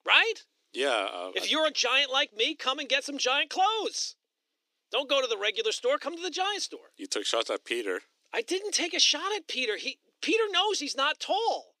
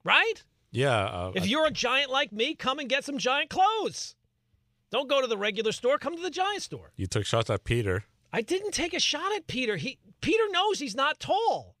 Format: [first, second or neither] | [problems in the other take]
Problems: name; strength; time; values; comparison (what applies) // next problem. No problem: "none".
second | thin; somewhat; fading below 300 Hz